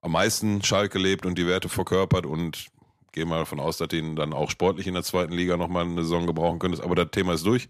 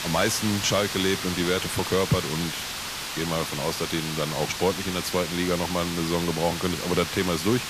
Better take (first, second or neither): first